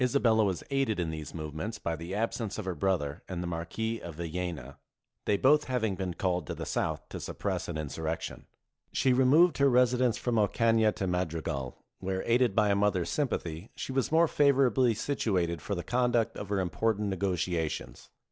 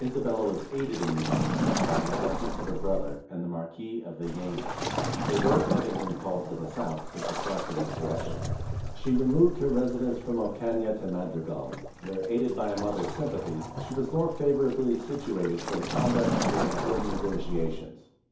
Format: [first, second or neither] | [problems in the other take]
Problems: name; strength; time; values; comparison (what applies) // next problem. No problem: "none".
first | background sound (Waves, surf); 2 dB below the speech // room echo; dies away in 0.6 s